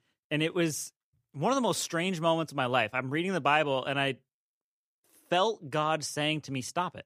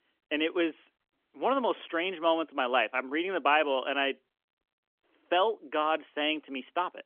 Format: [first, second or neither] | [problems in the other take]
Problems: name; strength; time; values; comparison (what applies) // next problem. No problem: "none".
first | phone-call audio; nothing above 3.5 kHz